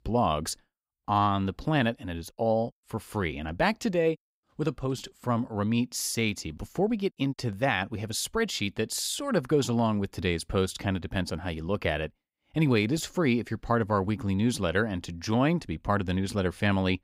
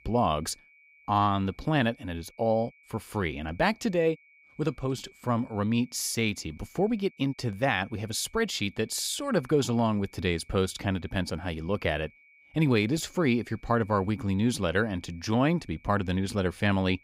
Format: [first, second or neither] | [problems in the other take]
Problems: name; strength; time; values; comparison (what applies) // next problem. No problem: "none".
first | high-pitched whine; faint; throughout; 2.5 kHz, 30 dB below the speech